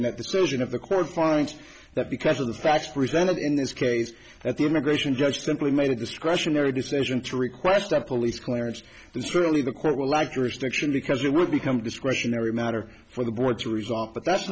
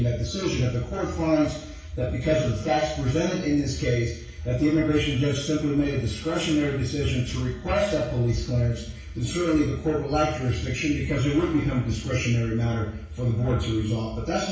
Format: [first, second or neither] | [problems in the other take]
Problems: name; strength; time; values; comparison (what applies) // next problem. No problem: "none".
first | room echo; dies away in 0.6 s